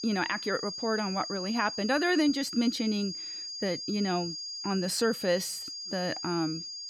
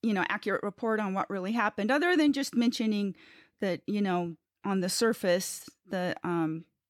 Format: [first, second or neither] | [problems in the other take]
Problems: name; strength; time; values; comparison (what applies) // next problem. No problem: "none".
second | high-pitched whine; loud; throughout; 5 kHz, 6 dB below the speech